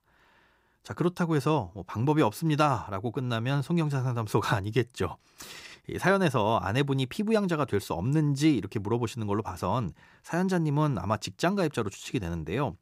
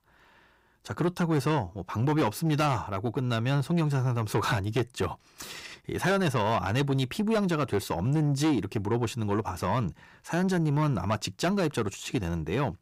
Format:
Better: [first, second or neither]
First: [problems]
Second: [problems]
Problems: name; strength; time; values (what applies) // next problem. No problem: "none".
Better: first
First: none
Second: distortion; slight; 10 dB below the speech